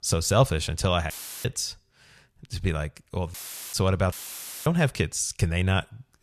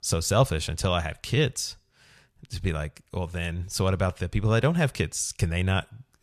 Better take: second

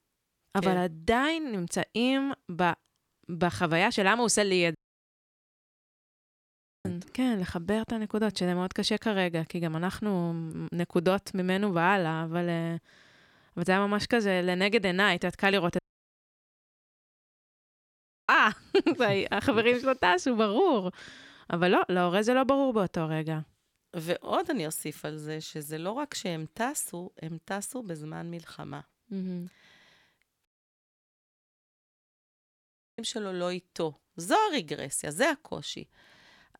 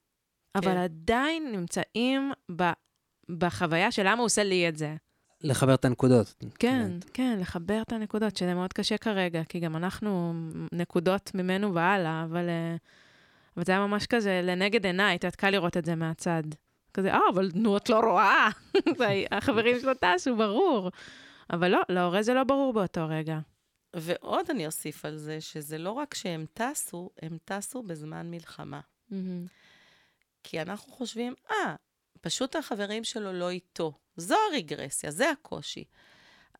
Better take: second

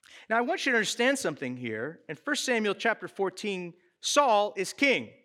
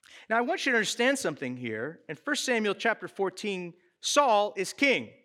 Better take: neither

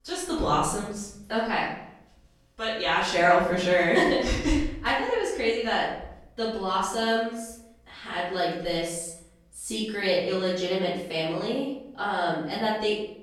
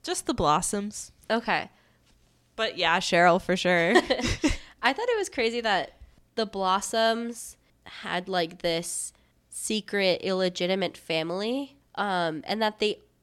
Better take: second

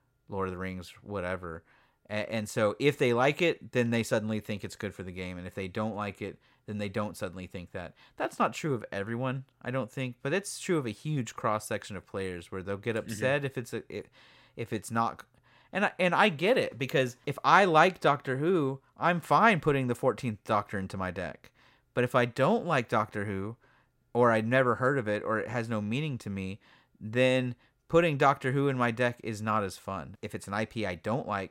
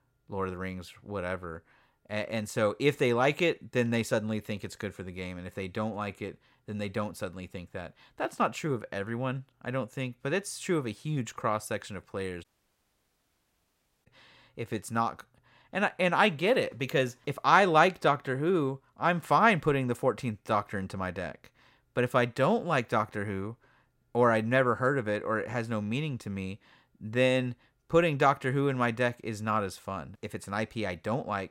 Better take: first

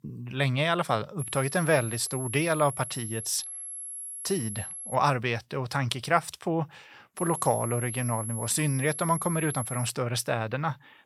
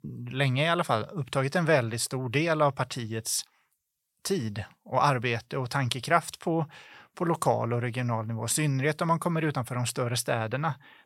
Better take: second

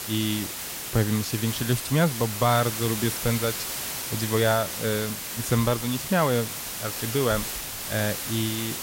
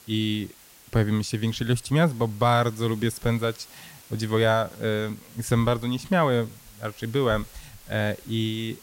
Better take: second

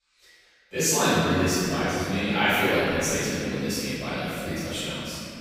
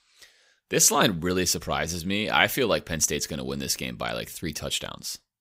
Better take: second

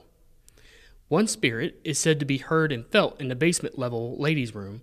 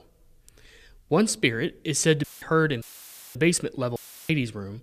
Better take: first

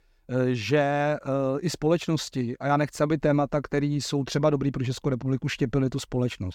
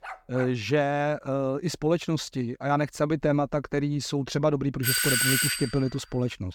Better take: first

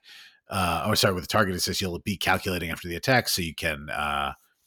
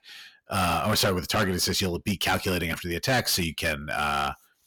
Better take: first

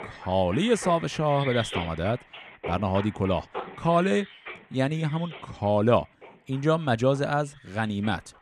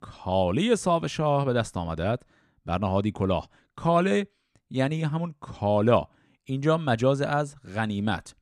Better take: second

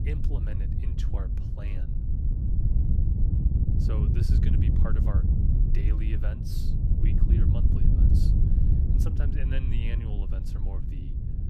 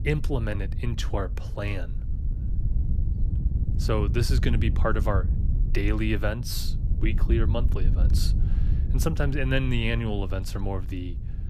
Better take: second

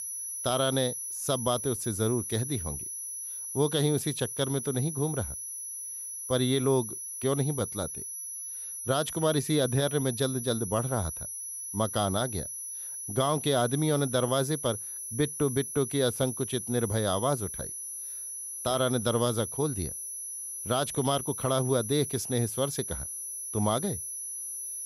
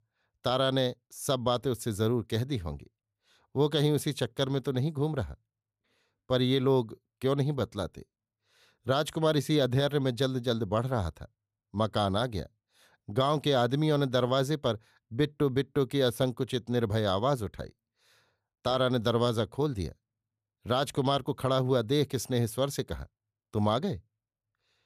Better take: second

